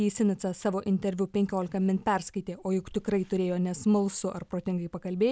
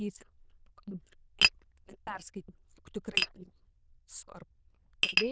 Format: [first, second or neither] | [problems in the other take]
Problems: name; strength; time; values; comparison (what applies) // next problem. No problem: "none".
first | noise reduction (neural diffusion model UNIVERSE++)